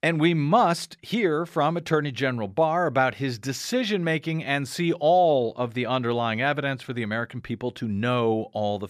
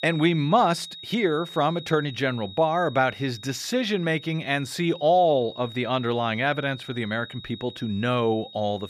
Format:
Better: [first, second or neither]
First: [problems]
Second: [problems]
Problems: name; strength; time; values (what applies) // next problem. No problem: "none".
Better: first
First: none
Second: high-pitched whine; noticeable; throughout; 4 kHz, 15 dB below the speech